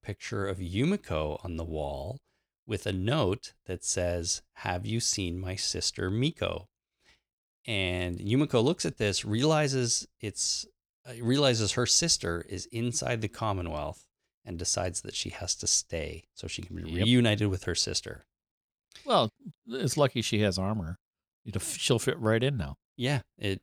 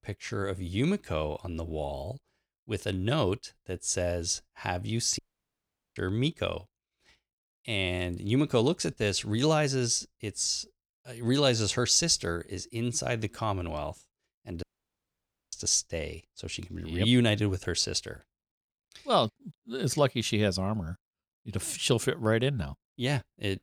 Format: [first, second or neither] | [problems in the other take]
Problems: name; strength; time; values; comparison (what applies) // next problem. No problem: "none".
first | audio cutting out; at 5 s for 1 s and at 15 s for 1 s